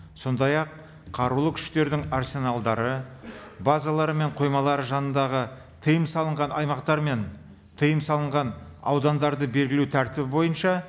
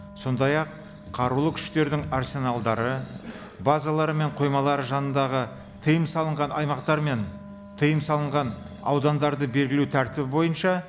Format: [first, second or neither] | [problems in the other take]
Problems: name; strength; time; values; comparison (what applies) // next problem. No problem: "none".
first | background sound (Animal + Wind instrument, woodwind instrument); 19 dB below the speech